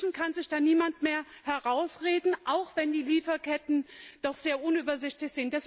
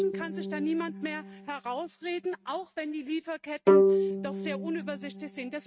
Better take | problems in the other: first | noise reduction (neural mask model RNNoise)

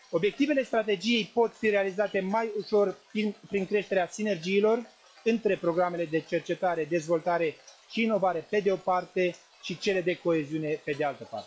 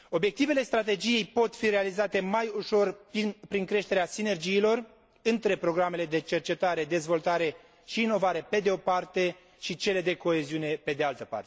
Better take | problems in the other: second | noise reduction (classical method log-MMSE)

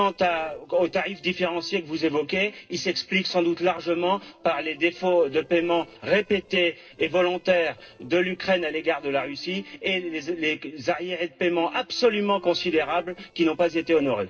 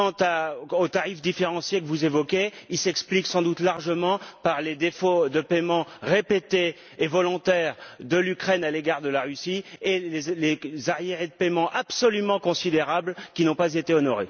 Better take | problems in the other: second | noise reduction (neural separator model SepFormer DNS4)

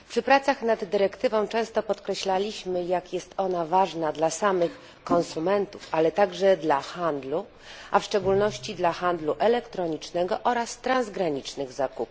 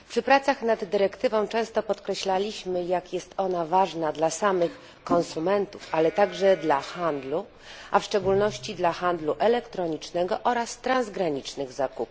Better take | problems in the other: first | background sound (Livestock, farm animals, working animals); 19 dB below the speech

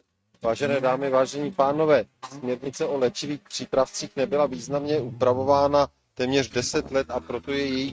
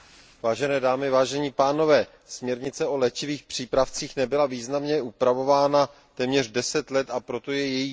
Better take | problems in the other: second | noise reduction (neural mask model RNNoise)

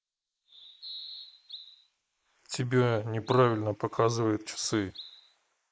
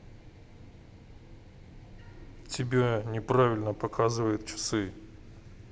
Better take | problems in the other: second | noise reduction (neural mask model Resemble Enhance denoiser)

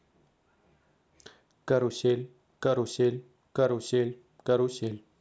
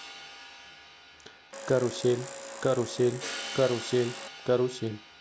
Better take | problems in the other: first | background sound (Domestic sounds, home sounds + Hi-hat); 11 dB below the speech

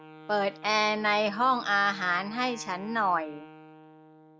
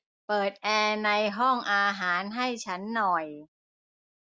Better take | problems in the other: second | background sound (Wind instrument, woodwind instrument); 19 dB below the speech

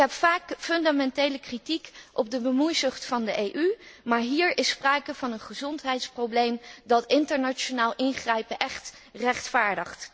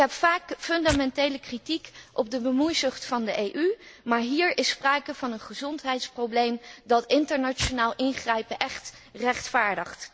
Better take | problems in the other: first | background sound (Tearing); 14 dB below the speech

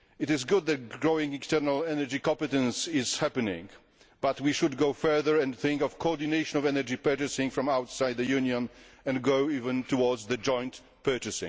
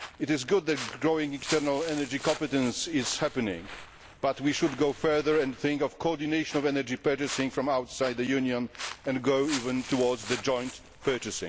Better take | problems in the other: first | background sound (Walk, footsteps); 14 dB below the speech

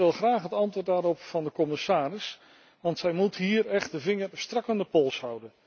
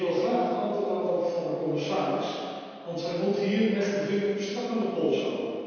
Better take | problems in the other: first | room echo; dies away in 2.1 s

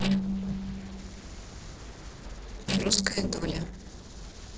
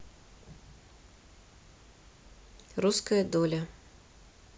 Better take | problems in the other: second | noise reduction (neural separator model SepFormer DNS4)

